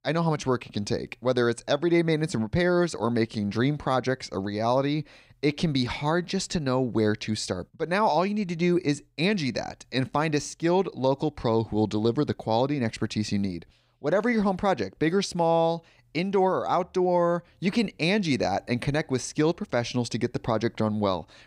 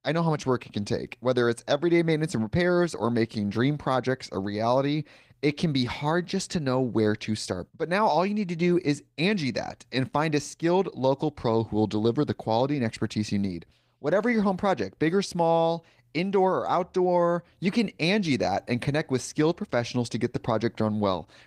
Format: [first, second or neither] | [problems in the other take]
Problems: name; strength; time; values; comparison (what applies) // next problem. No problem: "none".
first | garbled, watery; slightly; nothing above 15.5 kHz